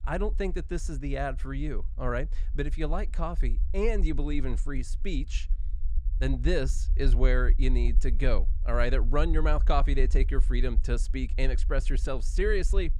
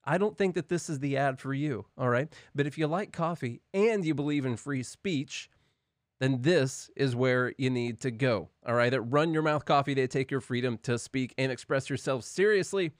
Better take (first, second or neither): second